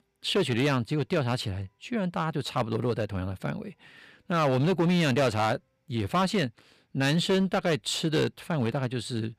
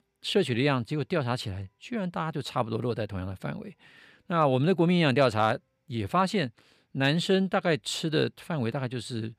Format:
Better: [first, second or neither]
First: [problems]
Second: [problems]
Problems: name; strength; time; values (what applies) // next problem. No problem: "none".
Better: second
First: distortion; slight; 8% of the sound clipped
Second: none